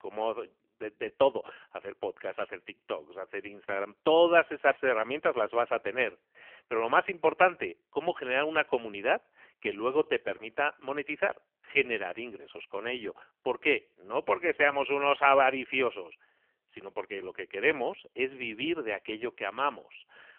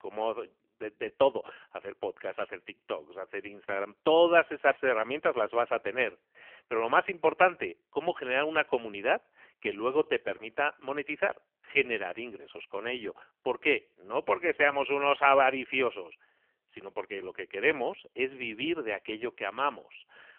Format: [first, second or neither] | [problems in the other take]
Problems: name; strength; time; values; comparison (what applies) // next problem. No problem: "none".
neither | phone-call audio; poor line; nothing above 3 kHz; the same in both